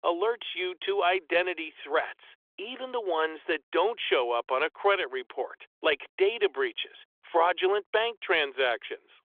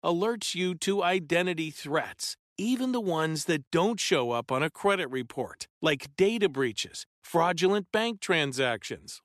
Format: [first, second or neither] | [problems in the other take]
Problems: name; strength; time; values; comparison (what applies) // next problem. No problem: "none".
second | phone-call audio; nothing above 3.5 kHz